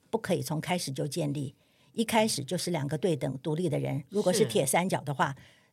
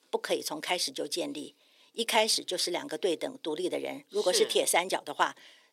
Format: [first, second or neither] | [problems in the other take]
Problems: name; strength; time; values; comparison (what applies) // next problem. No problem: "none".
first | thin; somewhat; fading below 300 Hz